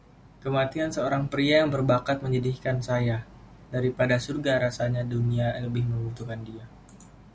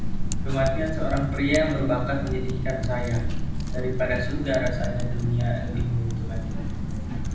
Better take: first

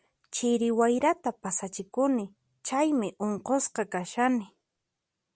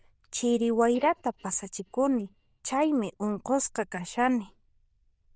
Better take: first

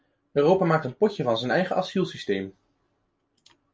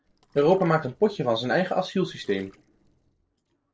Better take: first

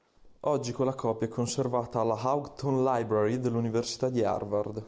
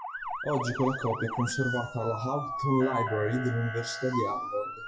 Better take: first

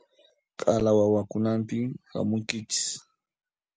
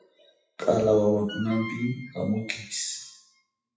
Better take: first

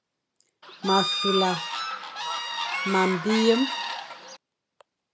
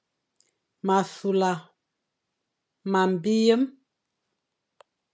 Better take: second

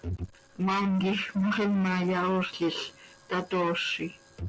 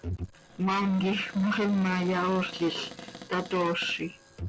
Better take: first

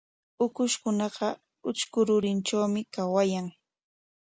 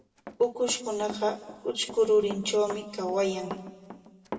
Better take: first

